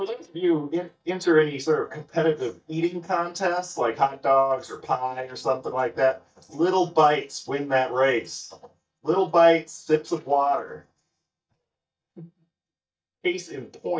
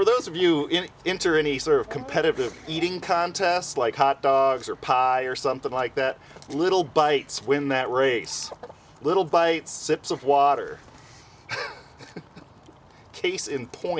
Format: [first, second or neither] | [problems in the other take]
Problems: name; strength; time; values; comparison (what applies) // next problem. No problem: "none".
second | noise reduction (neural mask model DeepFilterNet 3)